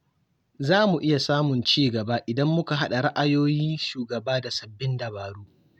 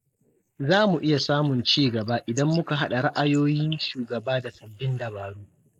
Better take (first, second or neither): first